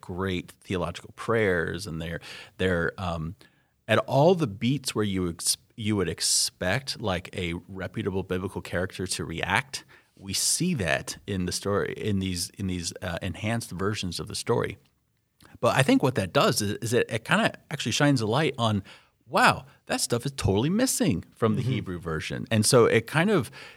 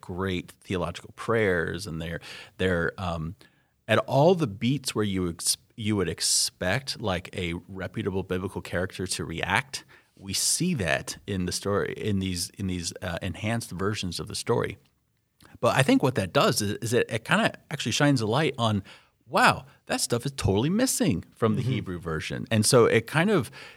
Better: neither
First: none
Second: none

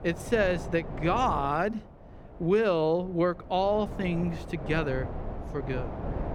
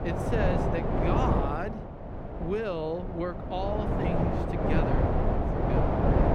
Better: first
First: wind noise on the microphone; occasional gusts; 15 dB below the speech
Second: wind noise on the microphone; heavy; 3 dB above the speech

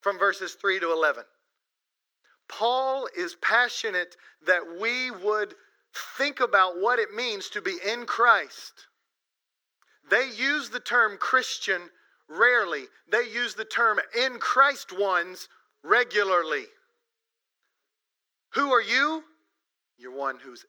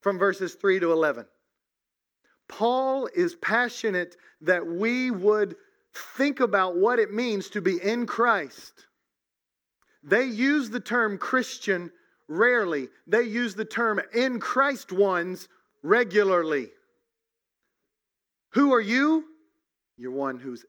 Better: second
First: thin; very; fading below 600 Hz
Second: none

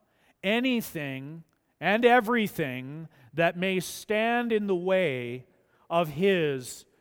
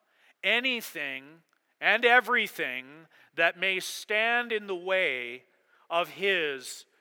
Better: first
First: none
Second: thin; somewhat; fading below 400 Hz

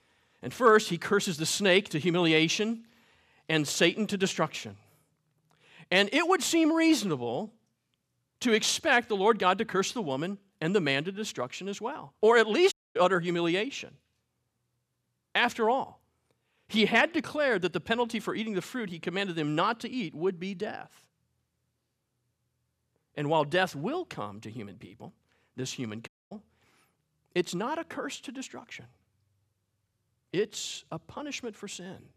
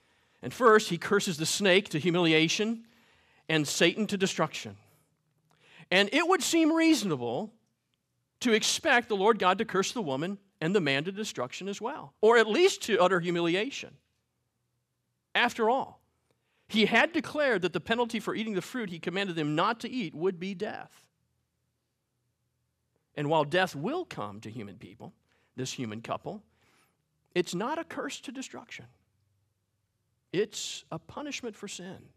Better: second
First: audio cutting out; at 13 s and at 26 s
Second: none

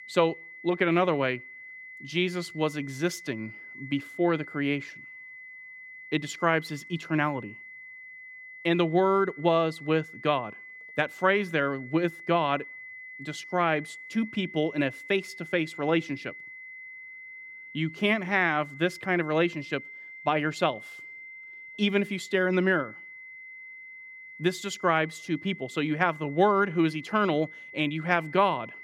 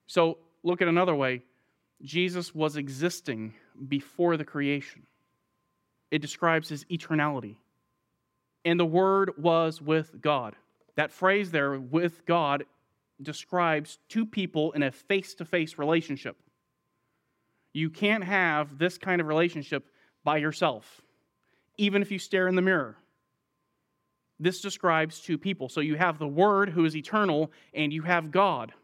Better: second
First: high-pitched whine; noticeable; throughout; 2 kHz, 15 dB below the speech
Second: none

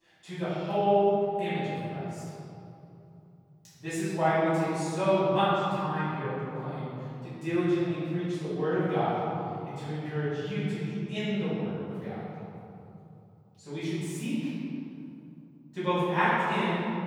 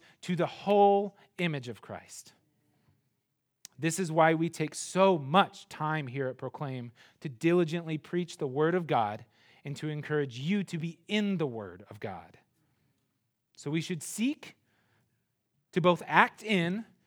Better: second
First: room echo; strong; dies away in 3 s // off-mic speech; far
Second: none

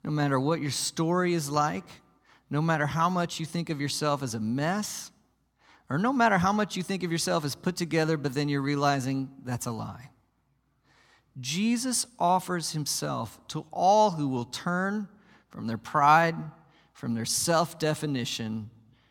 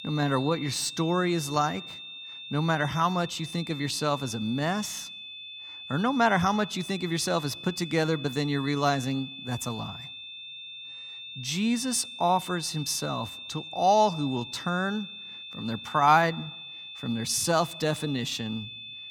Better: first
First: none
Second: high-pitched whine; noticeable; throughout; 3.5 kHz, 10 dB below the speech

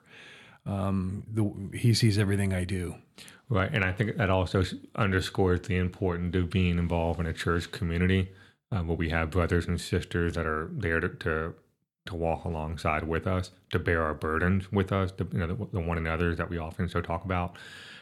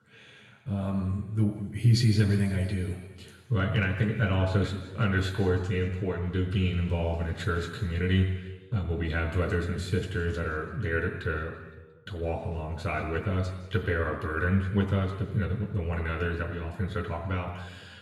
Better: first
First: none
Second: room echo; noticeable; dies away in 1.2 s // off-mic speech; far

